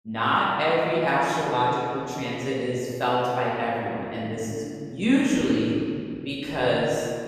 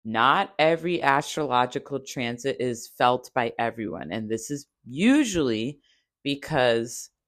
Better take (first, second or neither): second